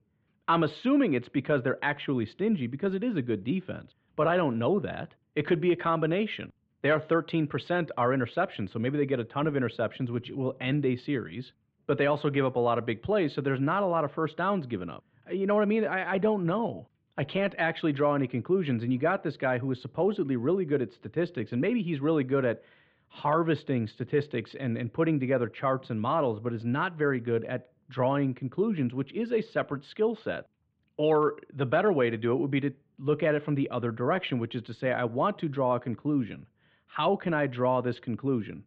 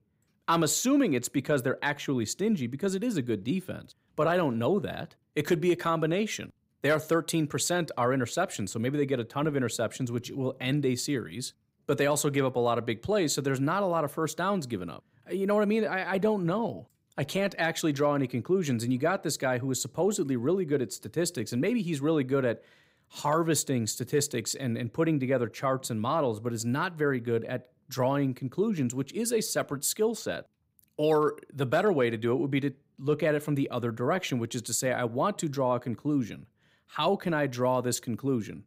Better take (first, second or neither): second